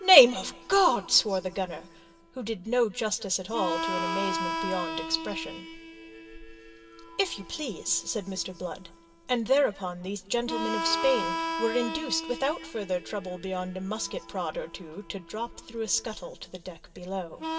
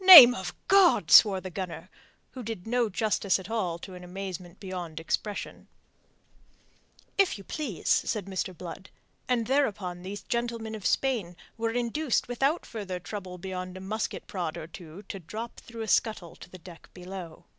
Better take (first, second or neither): second